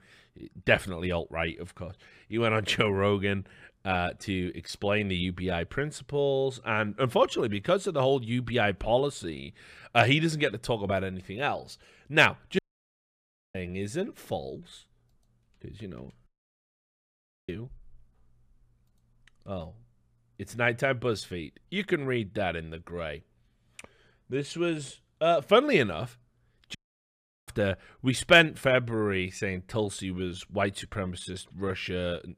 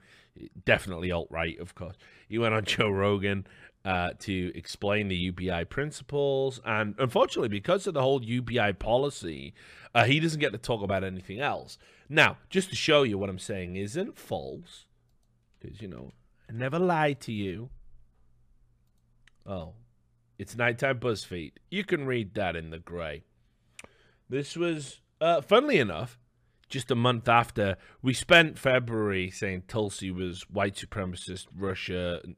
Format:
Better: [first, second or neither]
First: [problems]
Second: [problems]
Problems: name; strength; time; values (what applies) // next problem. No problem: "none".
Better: second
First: audio cutting out; at 13 s for 1 s, at 16 s for 1 s and at 27 s for 0.5 s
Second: none